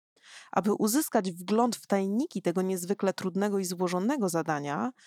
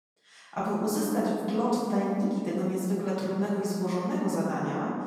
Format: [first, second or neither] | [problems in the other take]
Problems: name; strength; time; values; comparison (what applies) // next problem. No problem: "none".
first | off-mic speech; far // room echo; strong; dies away in 2.3 s